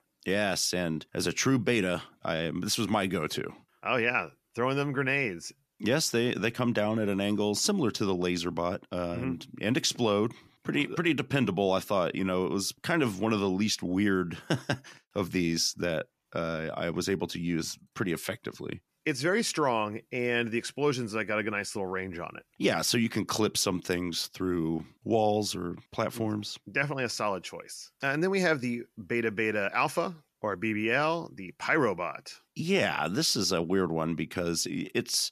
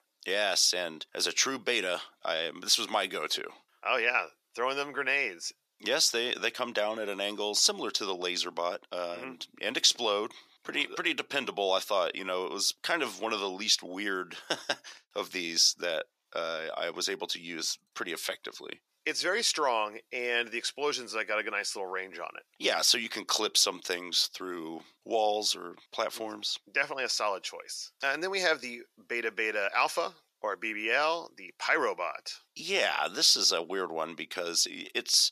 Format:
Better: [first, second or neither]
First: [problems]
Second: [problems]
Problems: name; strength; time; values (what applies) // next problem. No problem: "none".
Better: first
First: none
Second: thin; very; fading below 600 Hz